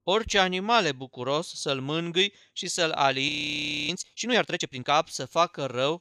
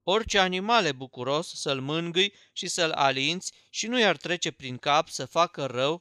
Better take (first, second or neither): second